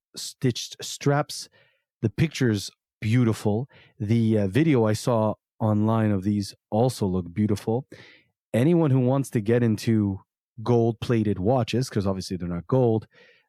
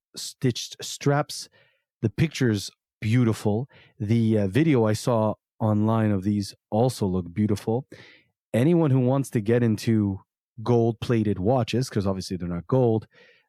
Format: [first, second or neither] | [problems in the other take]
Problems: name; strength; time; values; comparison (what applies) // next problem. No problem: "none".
neither | none